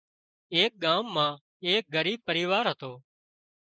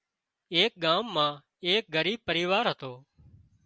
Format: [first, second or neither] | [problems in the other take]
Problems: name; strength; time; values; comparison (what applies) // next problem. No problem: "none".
second | noise reduction (neural mask model Resemble Enhance denoiser)